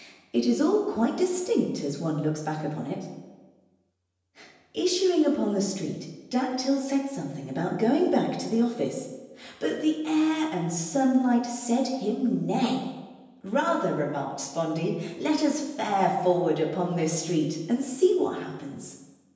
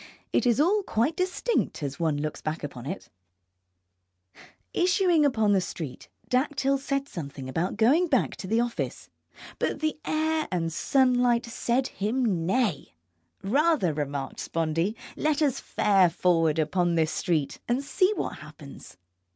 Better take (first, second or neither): second